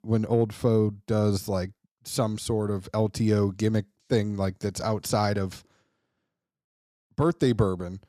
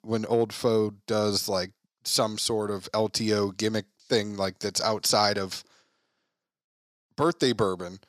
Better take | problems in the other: first | thin; somewhat; fading below 550 Hz

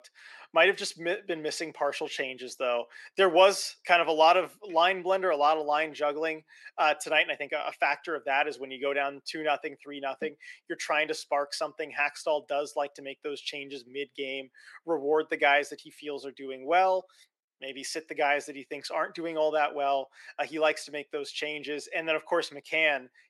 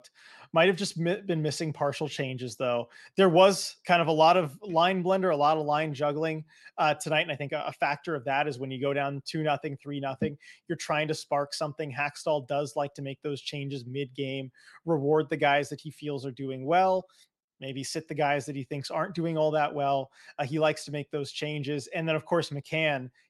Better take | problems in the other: second | thin; somewhat; fading below 350 Hz

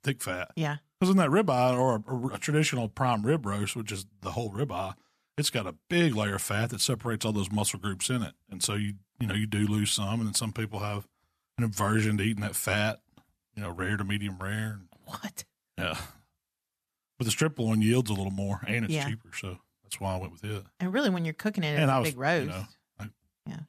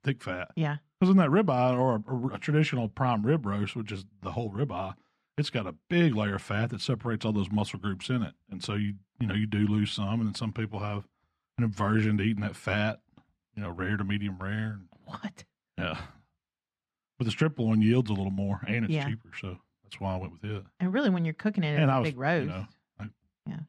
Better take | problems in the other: first | muffled; slightly; fading above 3.5 kHz

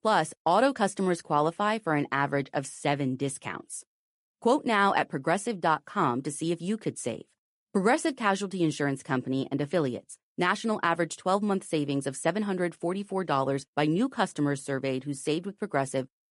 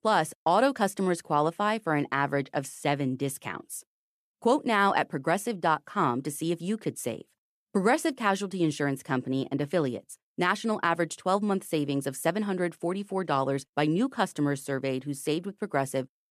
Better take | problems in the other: second | garbled, watery; slightly; nothing above 11 kHz

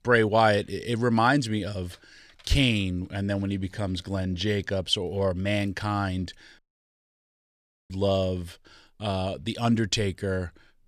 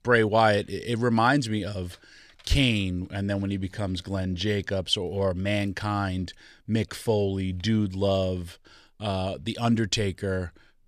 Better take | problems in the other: second | audio cutting out; at 6.5 s for 1.5 s

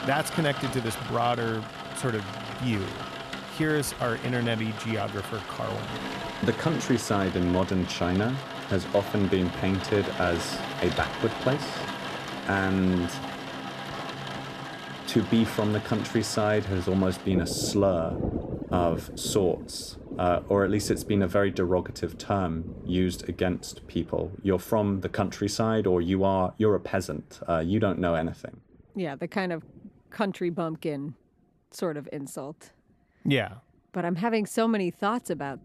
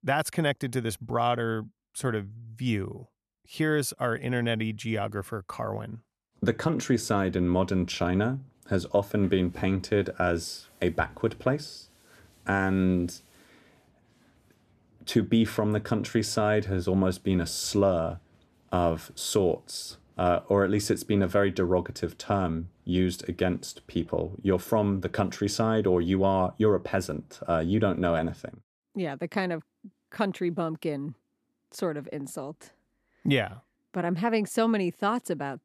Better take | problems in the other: second | rain or running water; loud; throughout; 8 dB below the speech

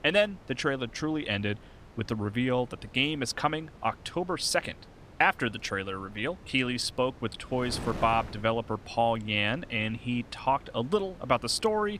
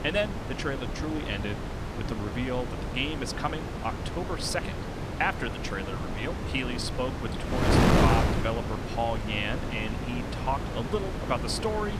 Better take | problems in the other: first | wind noise on the microphone; heavy; 2 dB below the speech; occasional gusts in the first

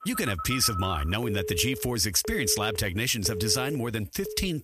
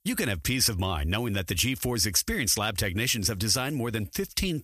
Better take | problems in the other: second | phone ringing; noticeable; peak 7 dB below the speech

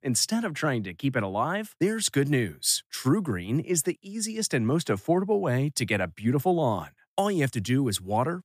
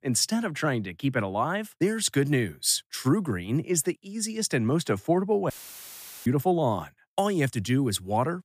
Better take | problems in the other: first | audio cutting out; filled with static; at 5.5 s for 1 s

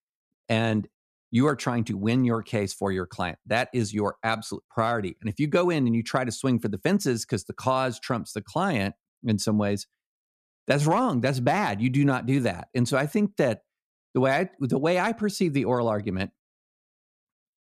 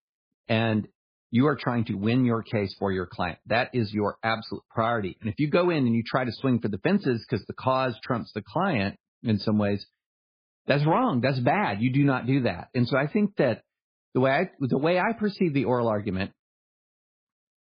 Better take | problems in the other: first | garbled, watery; badly; nothing above 4 kHz

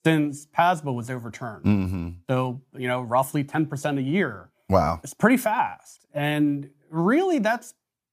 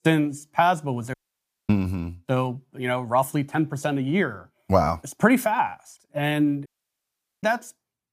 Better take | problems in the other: first | audio cutting out; at 1 s for 0.5 s and at 6.5 s for 1 s

